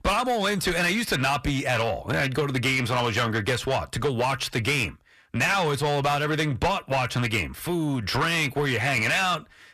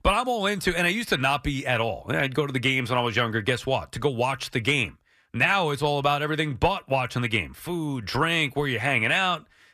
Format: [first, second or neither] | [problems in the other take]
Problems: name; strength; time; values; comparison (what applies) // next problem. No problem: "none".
second | distortion; heavy; 8 dB below the speech